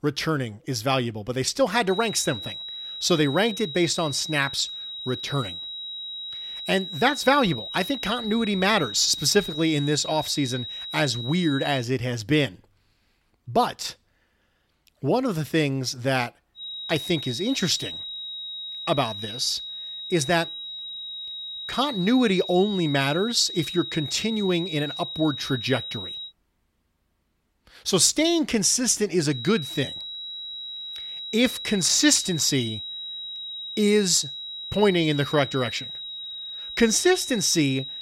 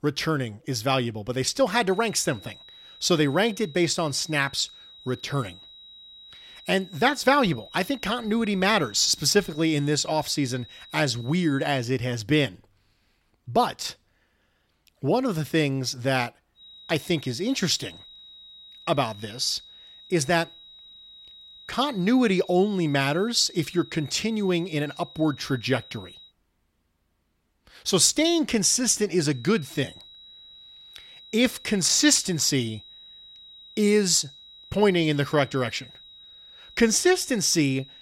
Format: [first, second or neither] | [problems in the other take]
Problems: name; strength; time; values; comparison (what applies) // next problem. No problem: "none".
second | high-pitched whine; loud; from 2 to 12 s, from 17 to 26 s and from 29 s on; 4 kHz, 9 dB below the speech; faint in the second